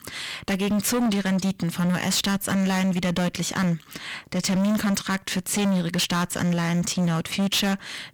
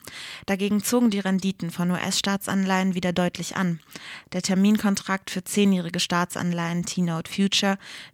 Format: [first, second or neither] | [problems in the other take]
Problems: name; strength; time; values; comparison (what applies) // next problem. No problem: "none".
second | distortion; heavy; 24% of the sound clipped